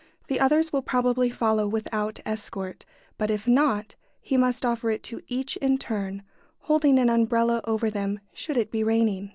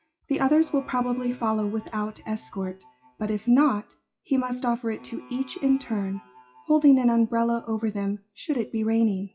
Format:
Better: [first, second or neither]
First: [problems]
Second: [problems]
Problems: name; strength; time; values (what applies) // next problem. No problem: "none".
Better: first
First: none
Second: noise reduction (classical method WPE with log-MMSE)